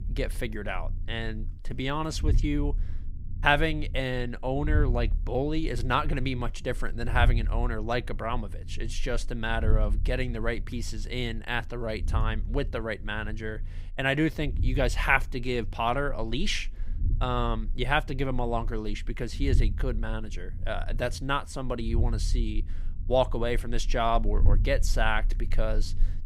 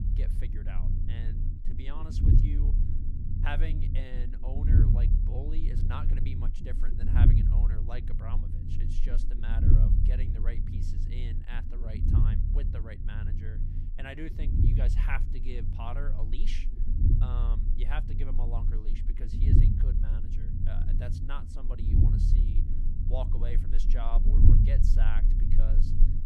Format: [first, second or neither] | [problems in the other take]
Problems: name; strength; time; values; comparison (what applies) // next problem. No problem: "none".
first | low rumble; loud; throughout; as loud as the speech; faint in the first